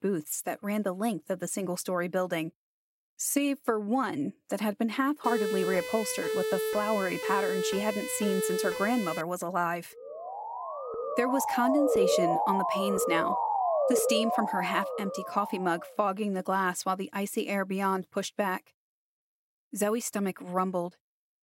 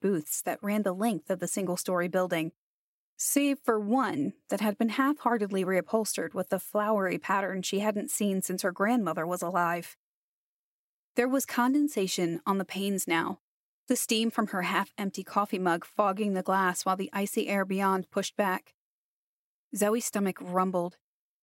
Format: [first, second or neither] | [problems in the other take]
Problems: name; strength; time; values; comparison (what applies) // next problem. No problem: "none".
second | siren; loud; from 5 to 9 s and from 10 to 16 s; peak 5 dB above the speech